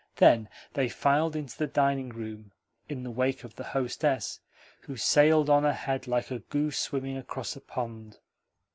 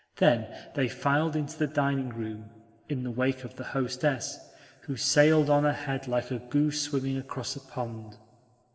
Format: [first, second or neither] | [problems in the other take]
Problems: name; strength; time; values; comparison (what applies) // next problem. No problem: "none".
first | room echo; dies away in 1.5 s